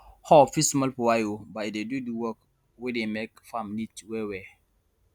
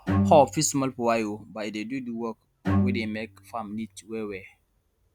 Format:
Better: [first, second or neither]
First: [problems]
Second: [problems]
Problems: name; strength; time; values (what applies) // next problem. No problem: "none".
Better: first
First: none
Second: background sound (Bowed string instrument); 3 dB below the speech